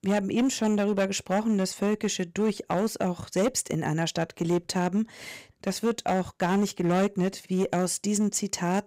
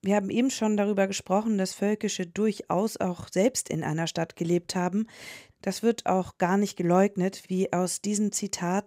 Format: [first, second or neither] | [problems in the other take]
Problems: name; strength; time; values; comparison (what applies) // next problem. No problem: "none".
second | distortion; slight; 7% of the sound clipped